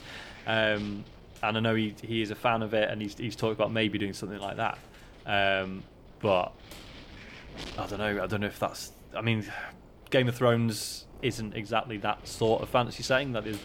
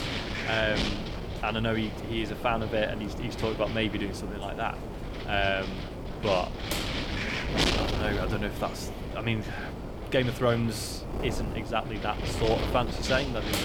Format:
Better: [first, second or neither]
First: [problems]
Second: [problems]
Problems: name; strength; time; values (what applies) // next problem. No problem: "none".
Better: first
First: wind noise on the microphone; occasional gusts; 20 dB below the speech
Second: wind noise on the microphone; heavy; 4 dB below the speech